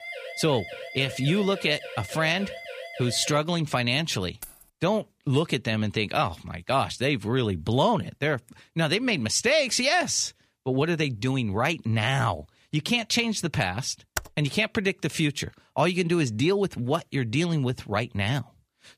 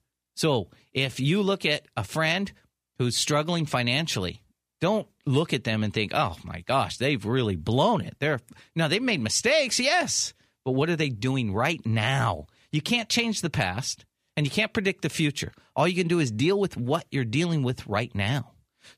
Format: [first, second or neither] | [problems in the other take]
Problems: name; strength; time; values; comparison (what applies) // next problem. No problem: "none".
second | siren; faint; until 3.5 s; peak 10 dB below the speech // jangling keys; faint; at 4.5 s; peak 15 dB below the speech // keyboard typing; very faint; at 14 s; peak 8 dB below the speech